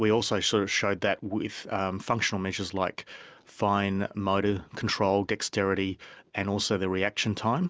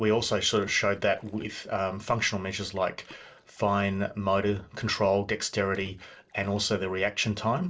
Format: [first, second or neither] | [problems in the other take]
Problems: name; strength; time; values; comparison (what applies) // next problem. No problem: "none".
first | noise reduction (neural separator model SepFormer DNS4)